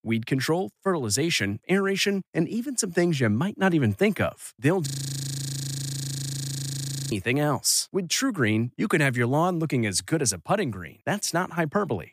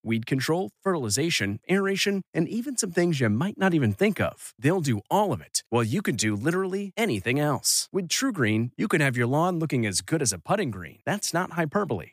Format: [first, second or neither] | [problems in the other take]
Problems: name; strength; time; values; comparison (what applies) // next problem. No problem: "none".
second | audio freezing; at 5 s for 2 s